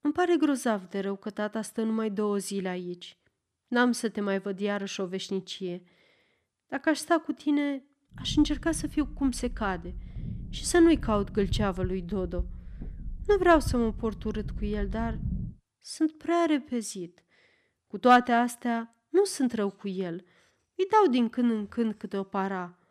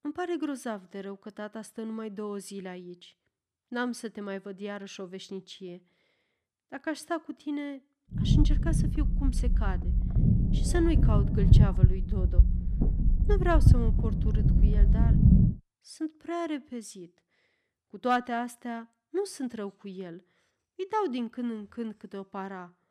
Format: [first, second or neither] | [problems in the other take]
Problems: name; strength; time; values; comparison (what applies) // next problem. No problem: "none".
first | low rumble; loud; from 8 to 15 s; 2 dB below the speech; faint in the first